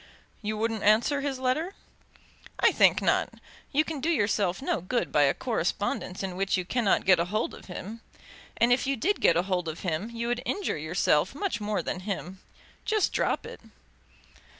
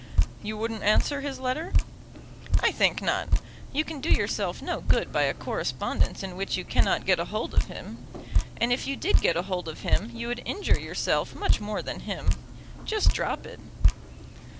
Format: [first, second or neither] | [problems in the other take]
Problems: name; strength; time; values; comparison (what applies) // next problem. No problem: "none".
first | background sound (Drip); 4 dB above the speech